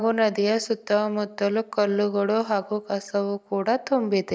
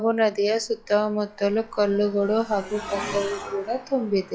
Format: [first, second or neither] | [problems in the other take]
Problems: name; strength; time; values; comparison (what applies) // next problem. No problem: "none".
first | noise reduction (classical method log-MMSE)